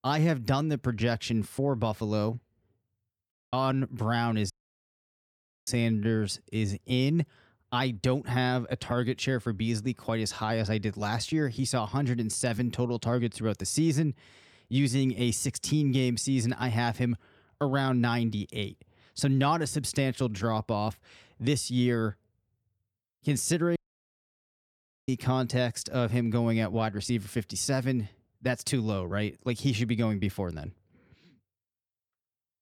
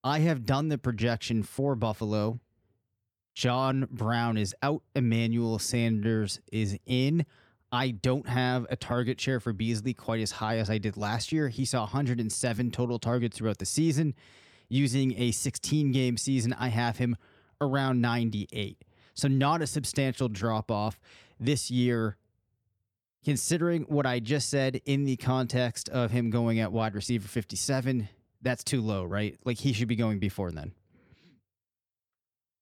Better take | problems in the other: second | audio cutting out; at 3.5 s, at 4.5 s for 1 s and at 24 s for 1.5 s

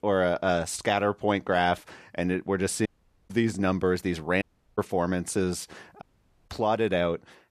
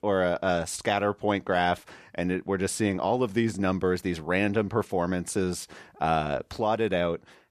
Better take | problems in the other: second | audio cutting out; at 3 s, at 4.5 s and at 6 s

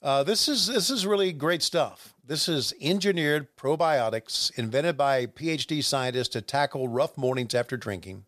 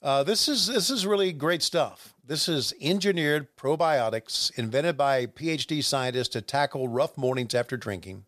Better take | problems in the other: neither | none

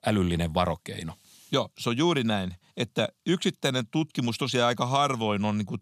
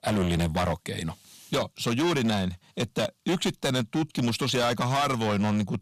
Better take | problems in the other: first | distortion; heavy; 16% of the sound clipped

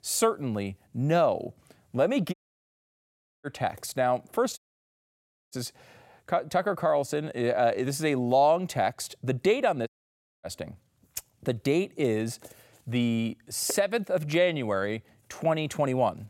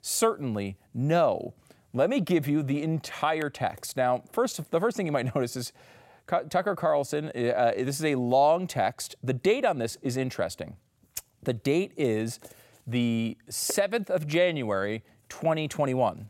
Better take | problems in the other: second | audio cutting out; at 2.5 s for 1 s, at 4.5 s for 1 s and at 10 s for 0.5 s

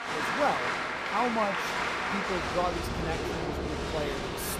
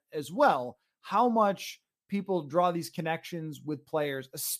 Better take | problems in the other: second | crowd noise; very loud; throughout; 2 dB above the speech

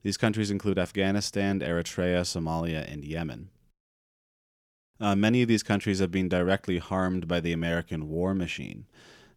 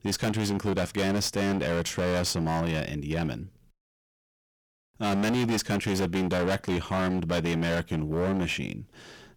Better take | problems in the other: first | distortion; heavy; 24% of the sound clipped

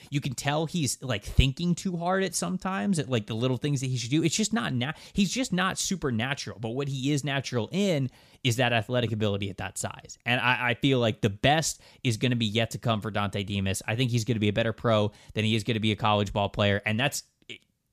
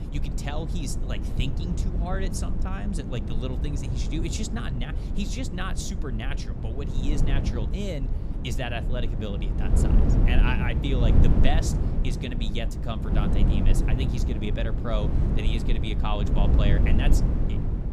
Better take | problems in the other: first | wind noise on the microphone; heavy; 3 dB below the speech

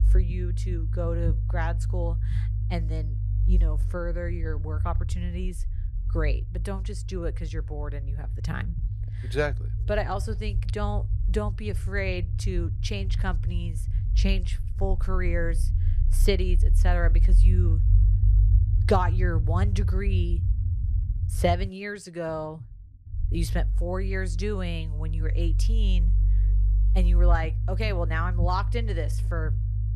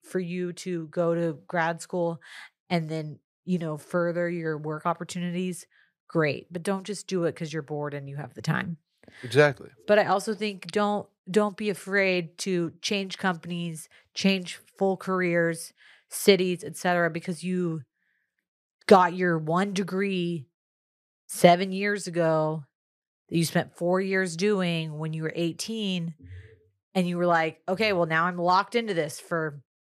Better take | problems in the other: second | low rumble; noticeable; throughout; 10 dB below the speech

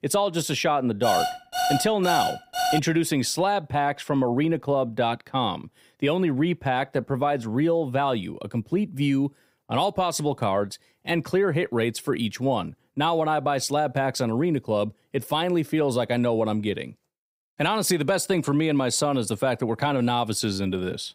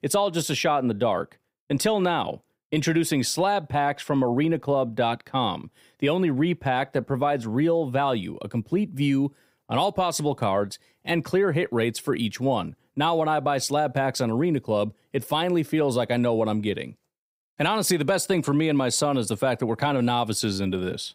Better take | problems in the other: second | alarm; noticeable; from 1 to 3 s; peak 1 dB below the speech

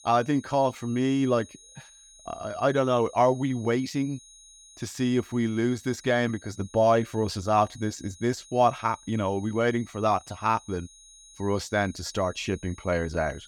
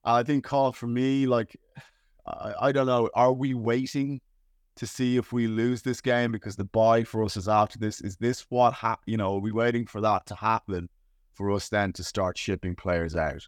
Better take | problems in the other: second | high-pitched whine; faint; throughout; 6.5 kHz, 25 dB below the speech

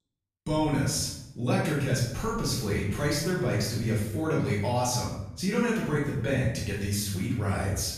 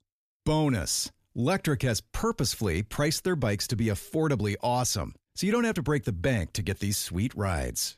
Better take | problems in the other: second | off-mic speech; far // room echo; noticeable; dies away in 0.7 s

